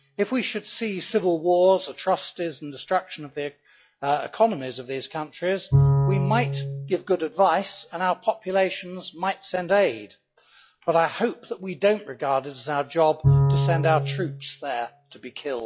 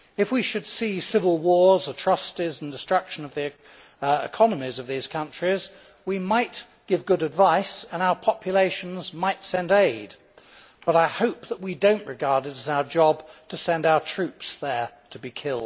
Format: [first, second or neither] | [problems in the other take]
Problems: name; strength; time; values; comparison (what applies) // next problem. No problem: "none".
second | noise reduction (classical method log-MMSE)